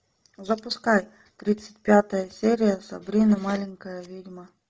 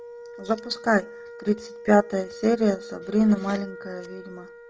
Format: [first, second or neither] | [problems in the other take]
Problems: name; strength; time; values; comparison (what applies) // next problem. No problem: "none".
first | background sound (Wind instrument, woodwind instrument); 15 dB below the speech